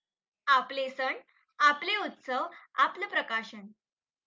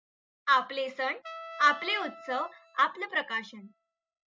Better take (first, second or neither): first